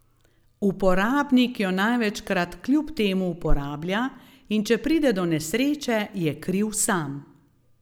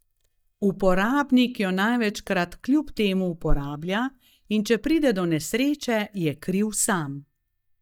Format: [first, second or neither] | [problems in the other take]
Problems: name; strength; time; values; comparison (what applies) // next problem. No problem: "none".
first | noise reduction (neural mask model DeepFilterNet 3)